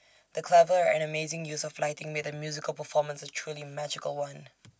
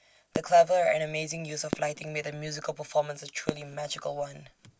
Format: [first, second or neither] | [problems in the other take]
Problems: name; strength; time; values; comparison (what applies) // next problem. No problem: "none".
first | background sound (Fireworks); 12 dB below the speech